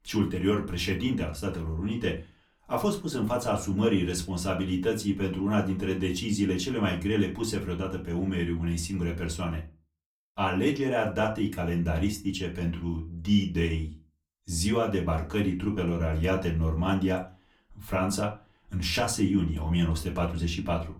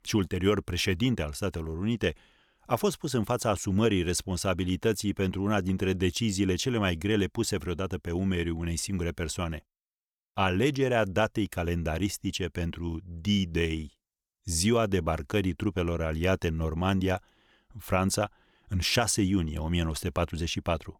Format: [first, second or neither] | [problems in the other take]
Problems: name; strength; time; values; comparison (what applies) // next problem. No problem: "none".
second | off-mic speech; far // room echo; very slight; dies away in 0.3 s